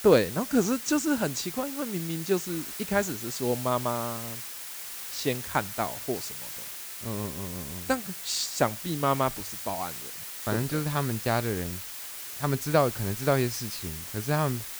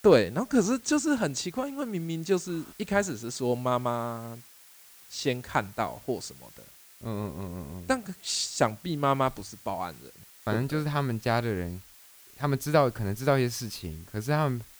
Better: second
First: hiss; loud; throughout; 6 dB below the speech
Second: hiss; faint; throughout; 20 dB below the speech

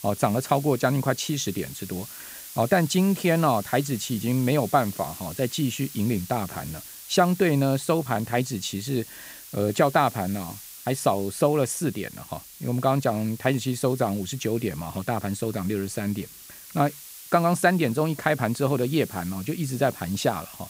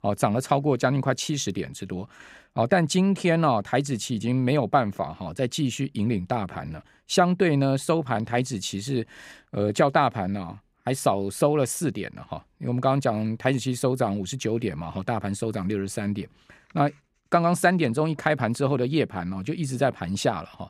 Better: second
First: hiss; noticeable; throughout; 15 dB below the speech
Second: none

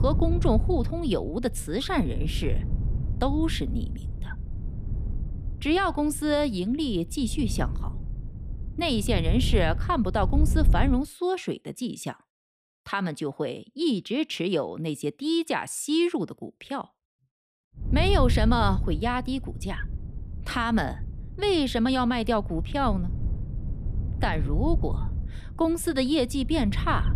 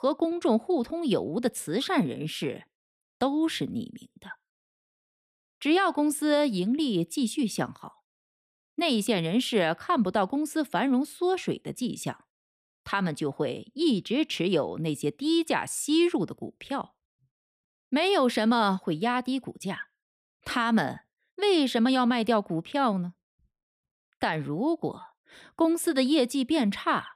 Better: second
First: wind noise on the microphone; occasional gusts; until 11 s and from 18 s on; 15 dB below the speech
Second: none

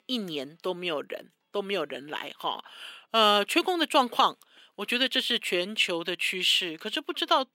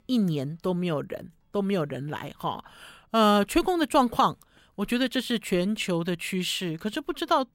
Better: second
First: thin; somewhat; fading below 300 Hz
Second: none

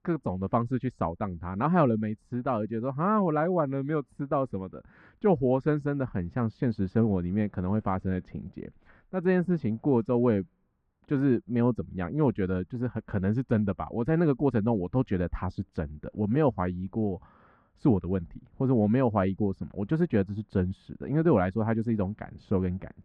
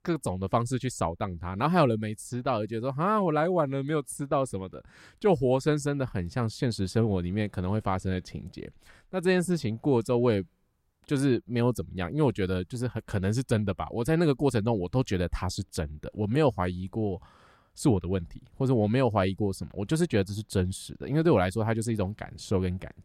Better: second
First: muffled; very; fading above 1.5 kHz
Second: none

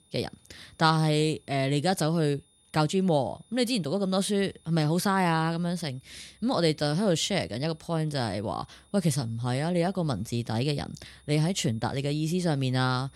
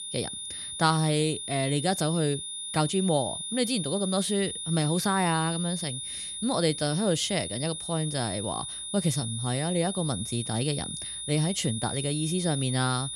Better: first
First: high-pitched whine; faint; throughout; 9.5 kHz, 35 dB below the speech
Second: high-pitched whine; loud; throughout; 9.5 kHz, 5 dB below the speech

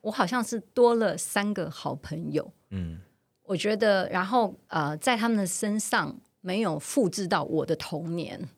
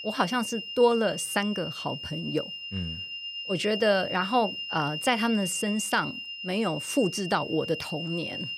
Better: first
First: none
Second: high-pitched whine; loud; throughout; 3 kHz, 6 dB below the speech

